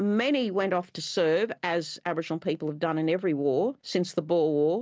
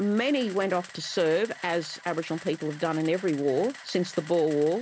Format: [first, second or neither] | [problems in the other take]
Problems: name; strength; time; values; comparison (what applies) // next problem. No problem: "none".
first | background sound (Camera); 19 dB below the speech